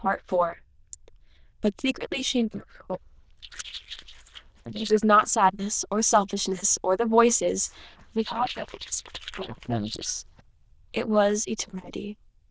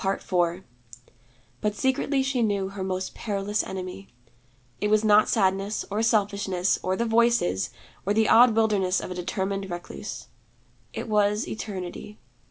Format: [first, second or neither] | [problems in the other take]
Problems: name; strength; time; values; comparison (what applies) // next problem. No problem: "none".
second | noise reduction (neural diffusion model UNIVERSE++)